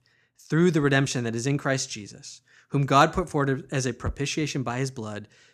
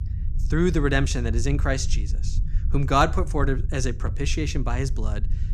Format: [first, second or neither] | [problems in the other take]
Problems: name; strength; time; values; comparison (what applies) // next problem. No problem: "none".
first | low rumble; noticeable; throughout; 20 dB below the speech